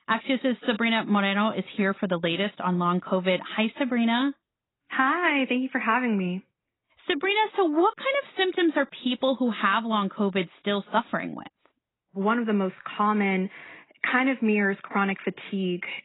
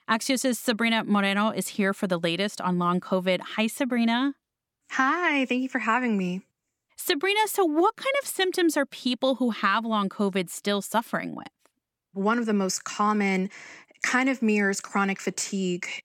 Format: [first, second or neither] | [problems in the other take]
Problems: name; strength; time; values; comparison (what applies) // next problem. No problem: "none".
second | garbled, watery; badly; nothing above 4 kHz